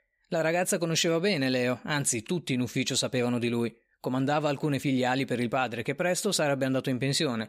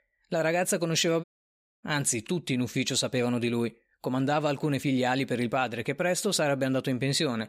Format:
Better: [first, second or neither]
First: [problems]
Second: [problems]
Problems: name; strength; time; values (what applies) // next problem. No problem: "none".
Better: first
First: none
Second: audio cutting out; at 1 s for 0.5 s